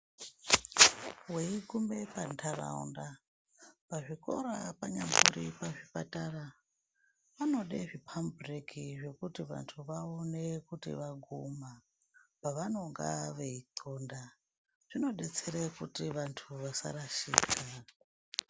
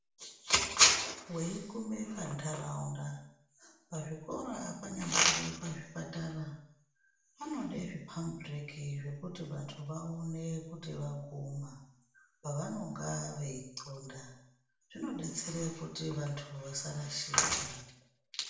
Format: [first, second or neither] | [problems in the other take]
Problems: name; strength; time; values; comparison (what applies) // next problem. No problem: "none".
first | room echo; dies away in 0.7 s